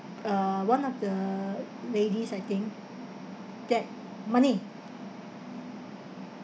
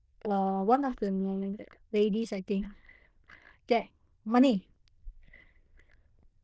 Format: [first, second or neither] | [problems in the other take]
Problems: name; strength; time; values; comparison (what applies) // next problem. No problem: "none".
first | noise reduction (neural diffusion model UNIVERSE++)